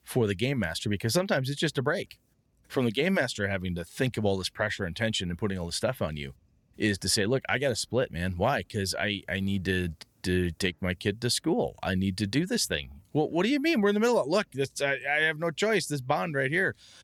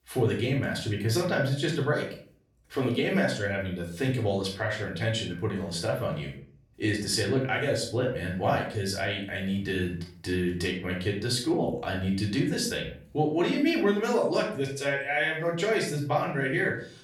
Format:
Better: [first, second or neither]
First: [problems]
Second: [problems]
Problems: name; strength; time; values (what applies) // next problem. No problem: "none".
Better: first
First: none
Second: off-mic speech; far // room echo; slight; dies away in 0.4 s